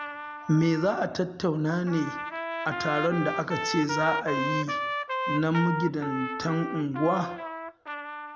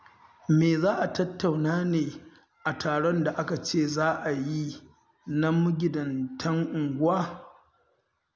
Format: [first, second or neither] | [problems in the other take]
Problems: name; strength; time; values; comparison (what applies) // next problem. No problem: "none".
second | background sound (Trumpet); 5 dB below the speech